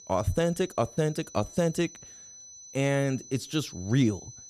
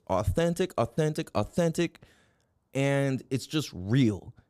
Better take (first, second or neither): second